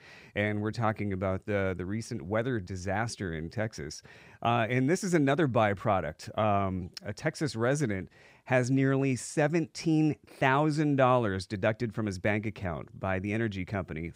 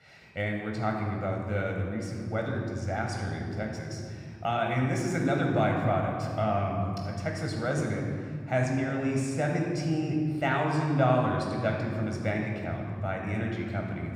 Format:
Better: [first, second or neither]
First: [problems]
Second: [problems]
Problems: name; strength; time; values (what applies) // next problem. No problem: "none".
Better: first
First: none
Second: room echo; noticeable; dies away in 2.5 s // off-mic speech; somewhat distant